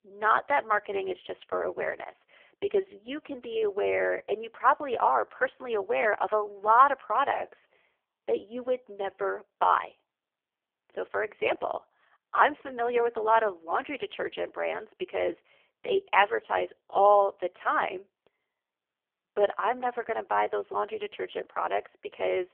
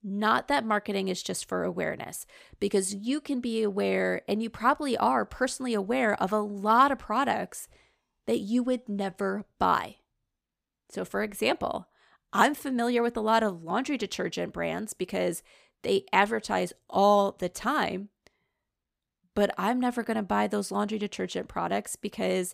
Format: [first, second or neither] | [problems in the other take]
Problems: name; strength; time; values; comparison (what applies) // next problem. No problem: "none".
second | phone-call audio; poor line